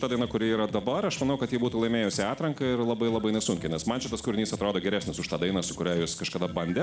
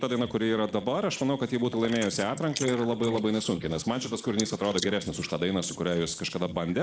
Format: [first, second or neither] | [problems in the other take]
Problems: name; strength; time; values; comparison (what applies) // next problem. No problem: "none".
first | noise reduction (neural mask model Resemble Enhance denoiser)